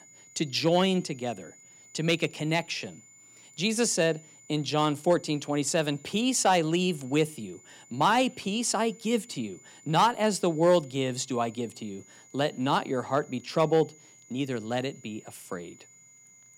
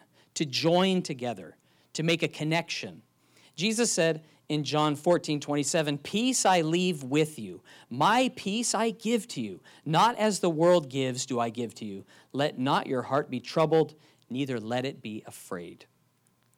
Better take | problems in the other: second | high-pitched whine; faint; throughout; 7 kHz, 25 dB below the speech

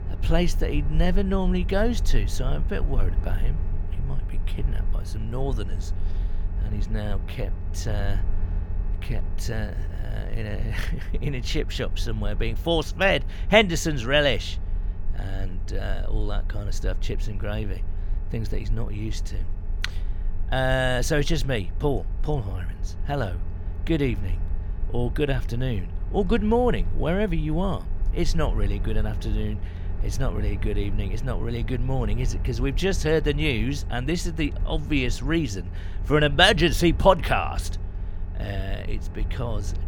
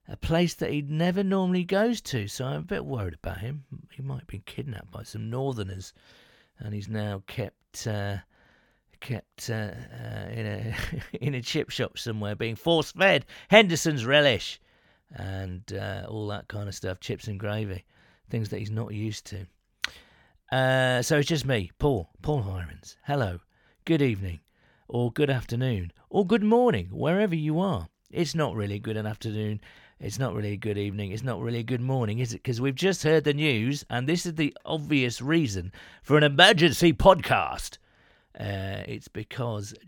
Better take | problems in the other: second | low rumble; faint; throughout; 20 dB below the speech

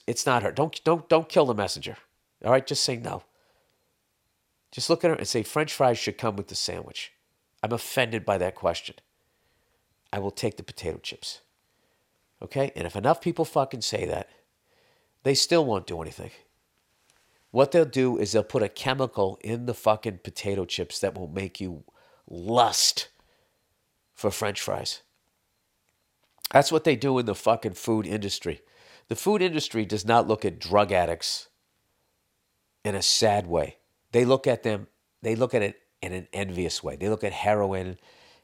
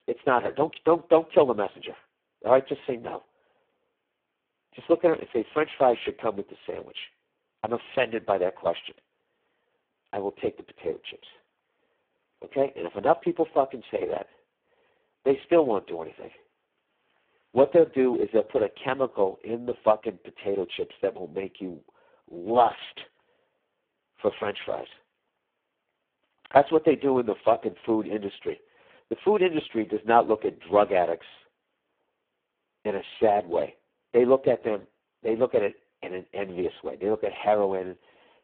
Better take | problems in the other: first | phone-call audio; poor line

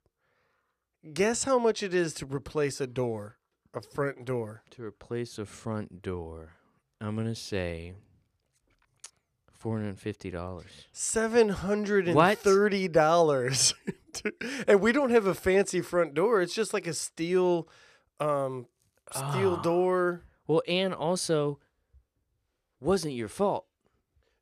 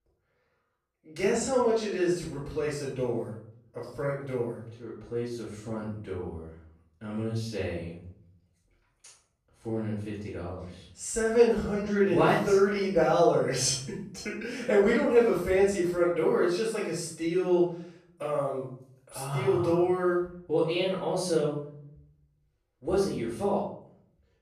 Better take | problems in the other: first | room echo; noticeable; dies away in 0.6 s // off-mic speech; far

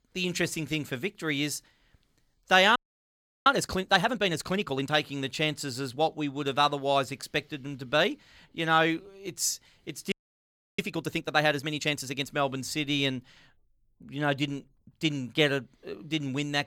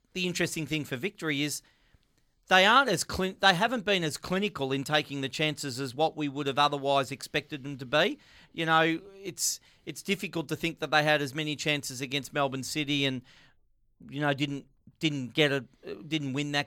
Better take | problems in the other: second | audio freezing; at 3 s for 0.5 s and at 10 s for 0.5 s

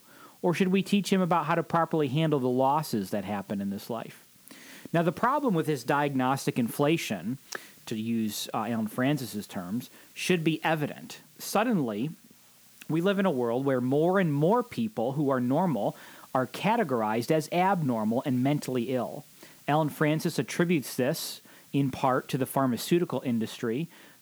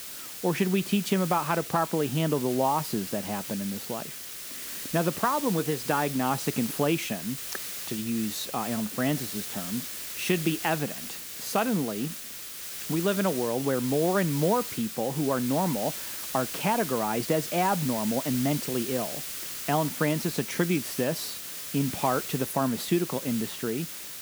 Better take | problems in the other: first | hiss; loud; throughout; 6 dB below the speech; faint in the first

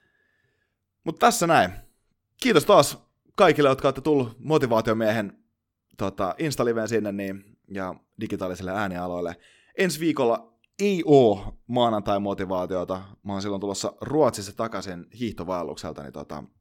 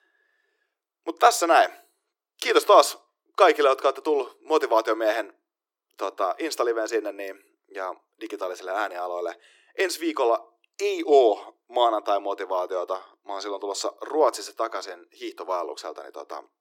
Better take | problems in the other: first | thin; very; fading below 350 Hz

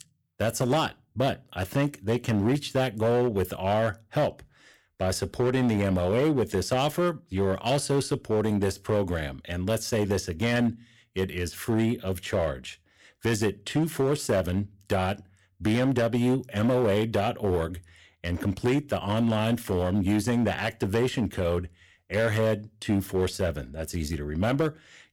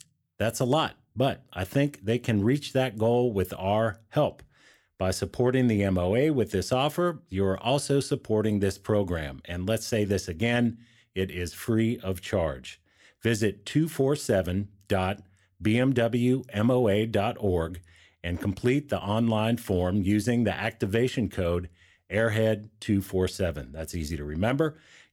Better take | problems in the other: second | distortion; slight; 7% of the sound clipped

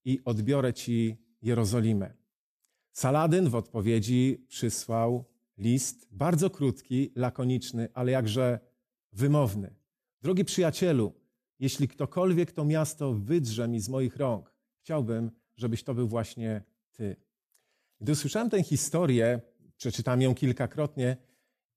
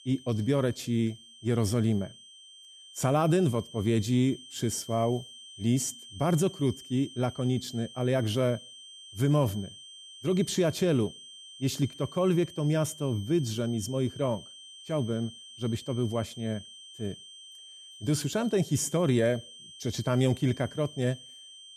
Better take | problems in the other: first | high-pitched whine; noticeable; throughout; 3 kHz, 15 dB below the speech

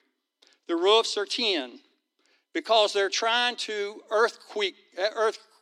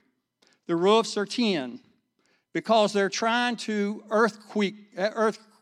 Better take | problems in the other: second | thin; somewhat; fading below 300 Hz

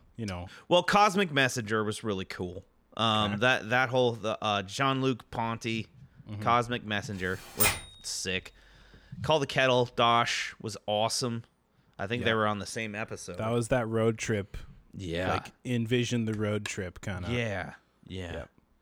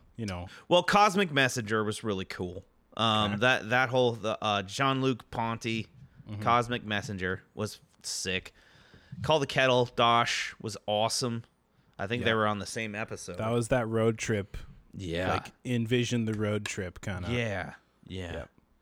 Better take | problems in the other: second | keyboard typing; loud; at 7.5 s; peak 4 dB above the speech

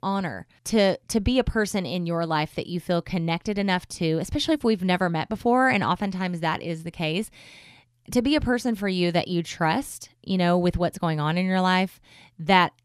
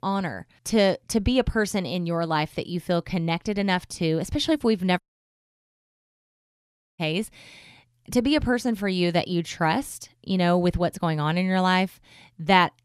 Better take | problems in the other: first | audio cutting out; at 5 s for 2 s

